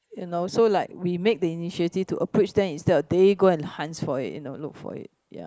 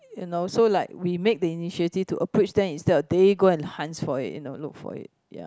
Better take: second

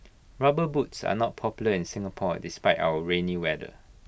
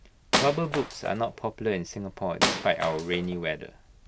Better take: first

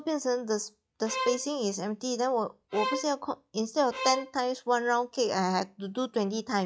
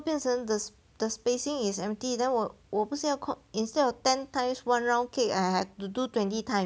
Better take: second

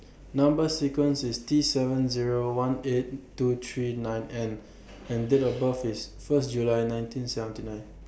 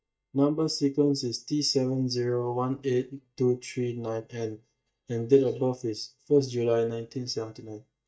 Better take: first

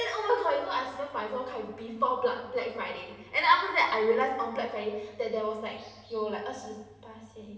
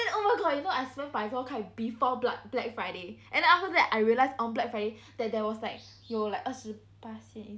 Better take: second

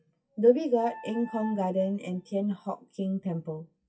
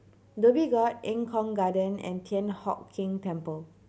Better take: second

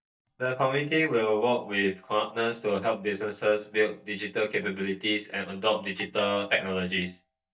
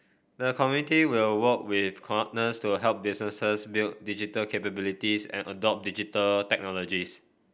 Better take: second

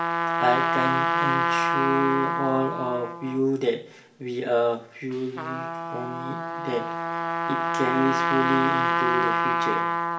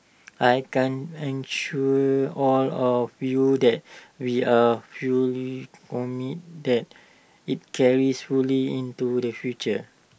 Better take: second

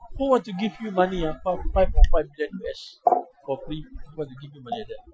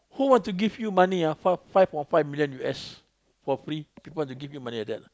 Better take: second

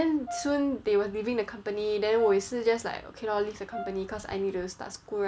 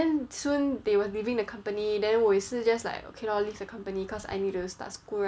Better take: second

